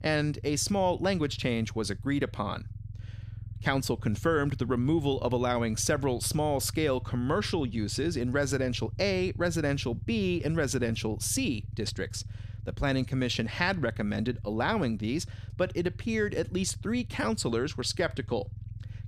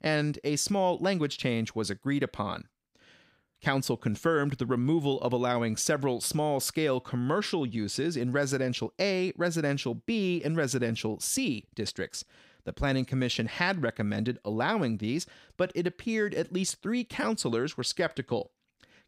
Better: second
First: low rumble; faint; throughout; 25 dB below the speech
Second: none

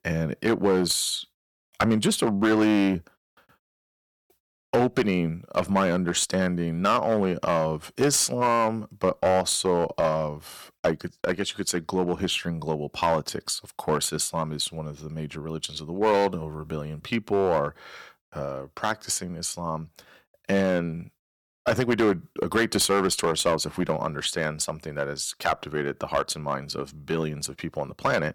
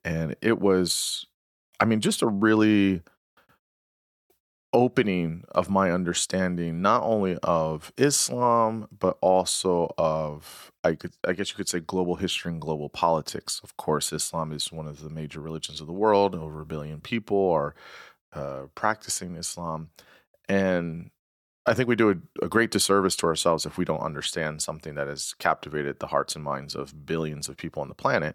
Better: second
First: distortion; slight; 3% of the sound clipped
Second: none

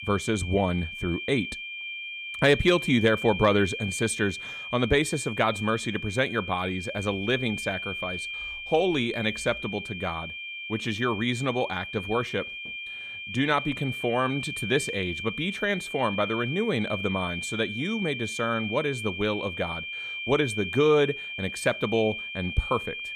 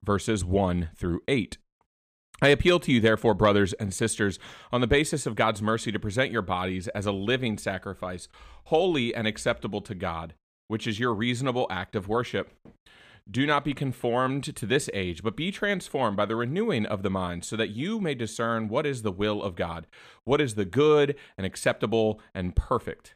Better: second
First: high-pitched whine; loud; throughout; 2.5 kHz, 6 dB below the speech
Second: none

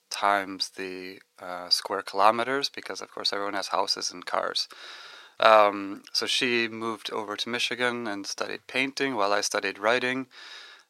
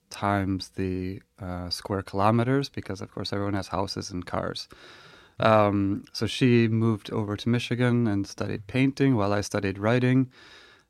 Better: second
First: thin; very; fading below 600 Hz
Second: none

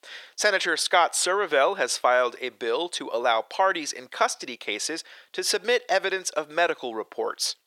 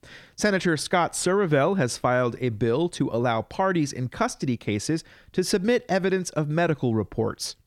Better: second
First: thin; very; fading below 500 Hz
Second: none

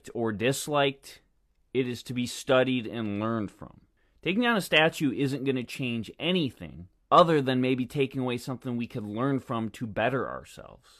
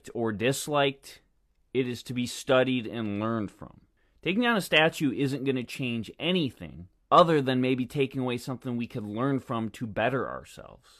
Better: neither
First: none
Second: none

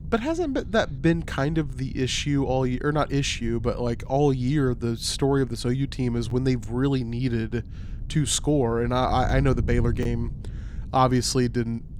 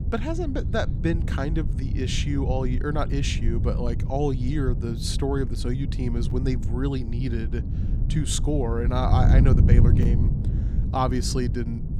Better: first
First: wind noise on the microphone; occasional gusts; 25 dB below the speech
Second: wind noise on the microphone; heavy; 8 dB below the speech

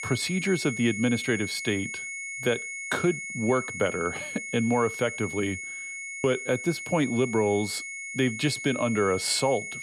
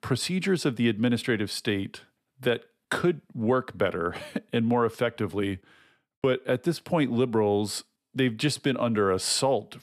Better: second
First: high-pitched whine; loud; throughout; 2 kHz, 7 dB below the speech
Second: none

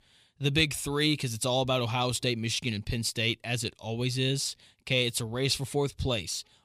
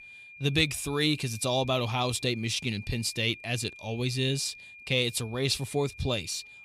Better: first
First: none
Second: high-pitched whine; noticeable; throughout; 2.5 kHz, 15 dB below the speech

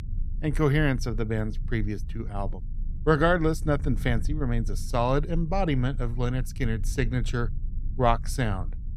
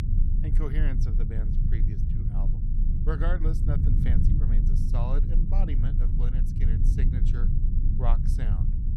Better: first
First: low rumble; faint; throughout; 25 dB below the speech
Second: low rumble; loud; throughout; 1 dB below the speech

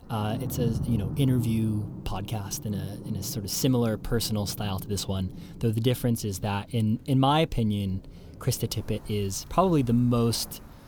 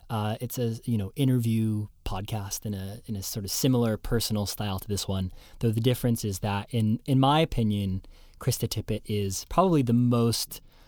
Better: second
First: rain or running water; noticeable; throughout; 10 dB below the speech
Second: none

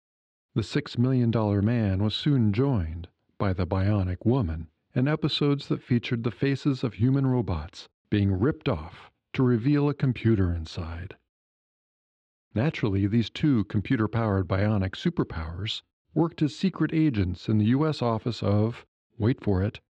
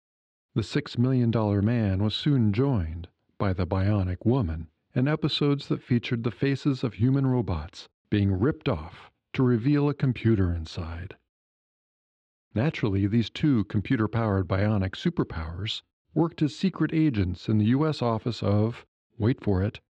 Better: neither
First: muffled; slightly; fading above 4 kHz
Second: muffled; slightly; fading above 4 kHz

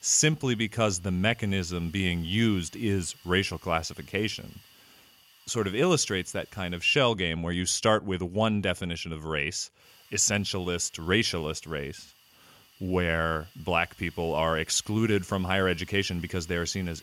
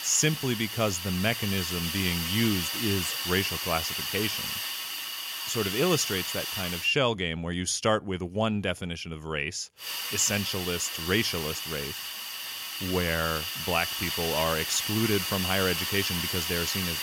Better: first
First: hiss; faint; until 7 s and from 10 s on; 25 dB below the speech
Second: hiss; loud; until 7 s and from 10 s on; 2 dB below the speech

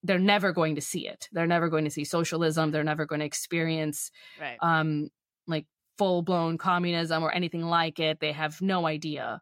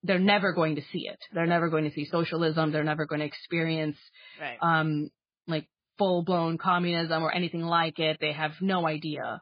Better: first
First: none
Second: garbled, watery; badly; nothing above 4.5 kHz

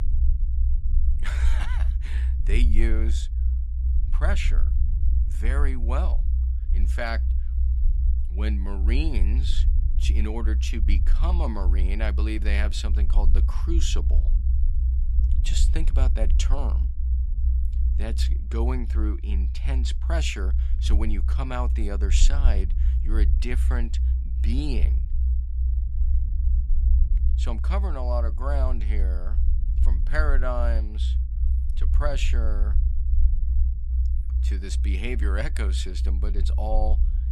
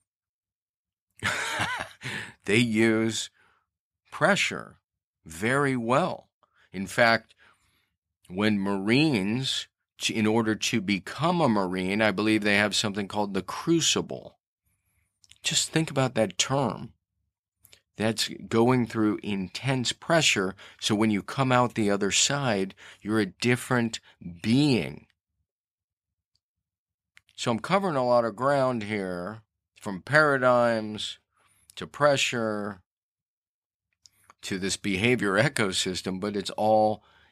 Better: second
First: low rumble; noticeable; throughout; 10 dB below the speech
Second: none

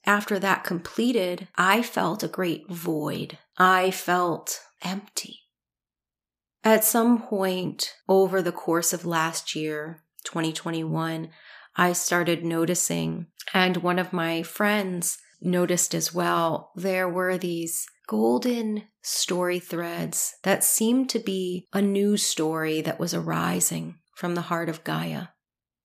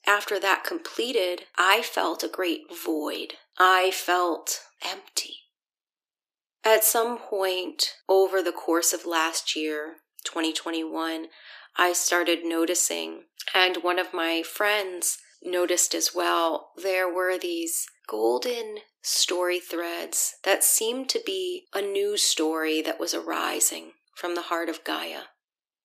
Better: first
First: none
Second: thin; very; fading below 300 Hz

